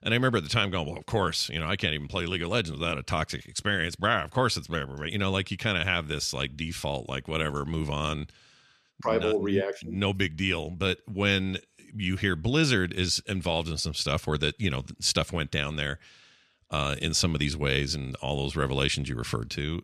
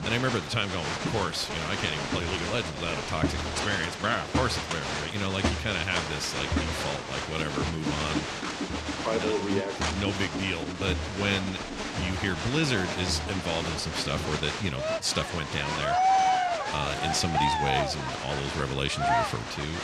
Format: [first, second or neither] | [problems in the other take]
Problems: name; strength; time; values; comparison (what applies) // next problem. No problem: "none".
first | crowd noise; very loud; throughout; as loud as the speech